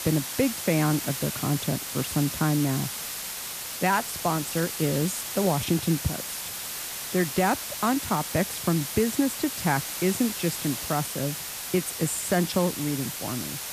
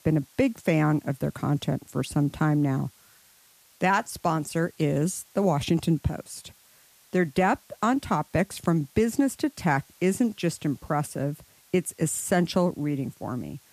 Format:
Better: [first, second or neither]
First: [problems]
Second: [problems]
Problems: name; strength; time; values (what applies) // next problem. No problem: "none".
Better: second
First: hiss; loud; throughout; 4 dB below the speech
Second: hiss; faint; throughout; 30 dB below the speech